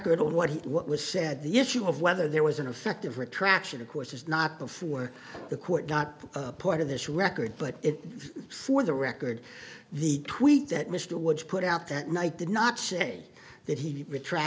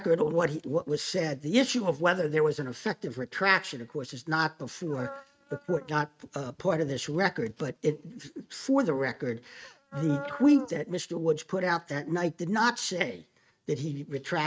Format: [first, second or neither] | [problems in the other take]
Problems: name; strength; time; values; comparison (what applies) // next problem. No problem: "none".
first | noise reduction (neural mask model RNNoise)